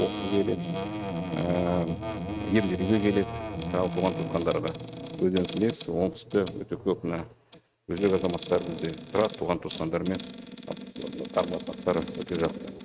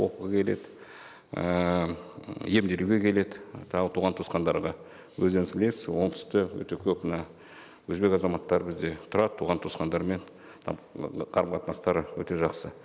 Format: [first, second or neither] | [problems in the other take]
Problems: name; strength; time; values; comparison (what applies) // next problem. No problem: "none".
second | noise reduction (neural mask model RNNoise)